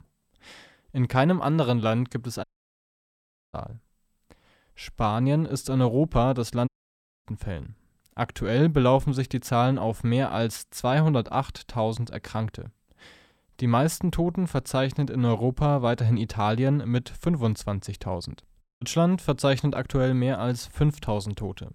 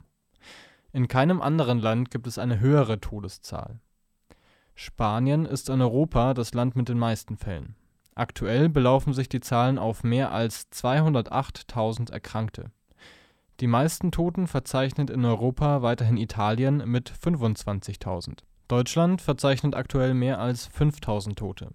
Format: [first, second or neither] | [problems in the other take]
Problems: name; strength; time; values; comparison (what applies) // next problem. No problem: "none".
second | audio cutting out; at 2.5 s for 1 s, at 6.5 s for 0.5 s and at 19 s